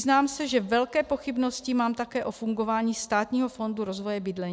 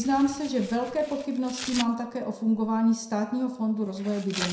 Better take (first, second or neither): first